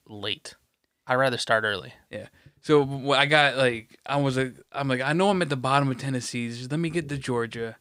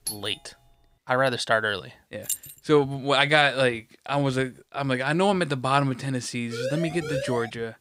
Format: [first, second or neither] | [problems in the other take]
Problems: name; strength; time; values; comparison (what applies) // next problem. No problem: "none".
first | doorbell; noticeable; at the start; peak 8 dB below the speech // jangling keys; noticeable; at 2.5 s; peak 6 dB below the speech // siren; noticeable; at 6.5 s; peak 7 dB below the speech